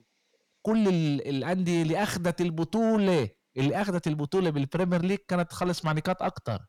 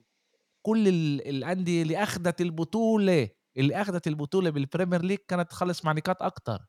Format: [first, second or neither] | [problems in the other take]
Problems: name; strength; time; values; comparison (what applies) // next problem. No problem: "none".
second | distortion; slight; 10 dB below the speech